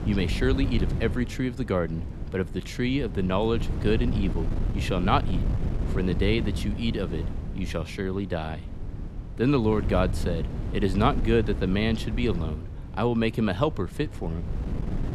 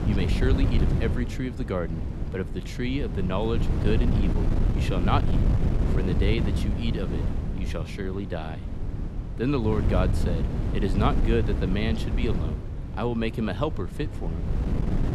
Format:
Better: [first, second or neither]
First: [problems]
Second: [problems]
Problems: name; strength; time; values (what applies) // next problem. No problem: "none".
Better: first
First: wind noise on the microphone; occasional gusts; 15 dB below the speech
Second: wind noise on the microphone; heavy; 6 dB below the speech